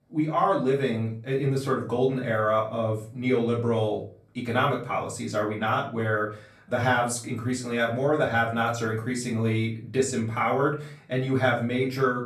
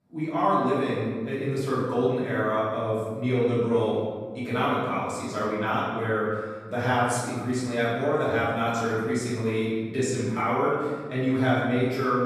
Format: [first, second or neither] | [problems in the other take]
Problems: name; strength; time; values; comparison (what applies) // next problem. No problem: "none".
first | room echo; strong; dies away in 1.3 s; slight in the first // off-mic speech; far; far in the first